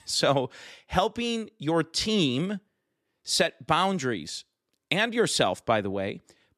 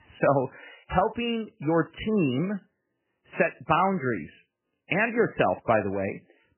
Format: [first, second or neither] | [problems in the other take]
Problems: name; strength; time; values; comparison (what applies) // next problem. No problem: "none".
first | garbled, watery; badly; nothing above 3 kHz